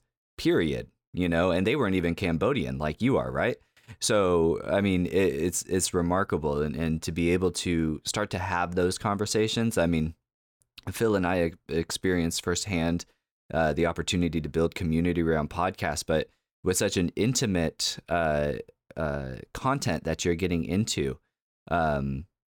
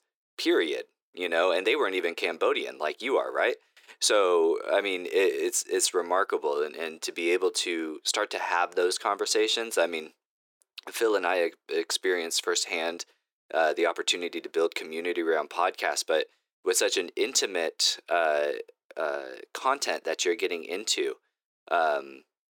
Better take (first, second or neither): first